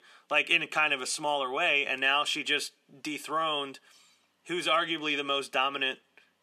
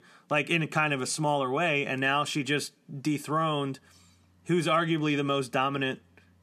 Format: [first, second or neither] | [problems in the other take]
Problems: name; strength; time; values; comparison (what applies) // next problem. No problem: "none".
second | thin; somewhat; fading below 450 Hz